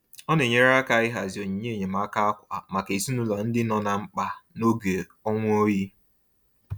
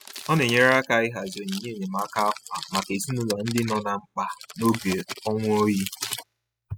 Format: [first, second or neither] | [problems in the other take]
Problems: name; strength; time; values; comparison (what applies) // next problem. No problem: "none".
first | noise reduction (classical method spectral subtraction)